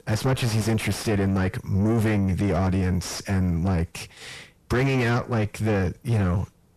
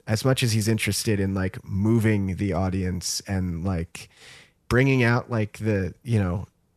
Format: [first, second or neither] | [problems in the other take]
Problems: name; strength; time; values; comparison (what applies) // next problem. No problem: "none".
second | distortion; heavy; 4 dB below the speech